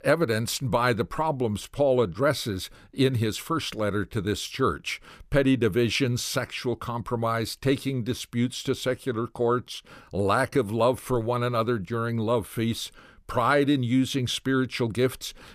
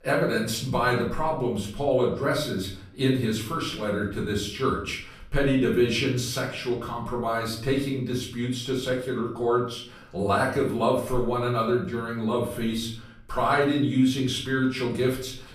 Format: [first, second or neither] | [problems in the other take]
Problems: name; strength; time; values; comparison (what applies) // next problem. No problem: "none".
first | off-mic speech; far // room echo; slight; dies away in 0.5 s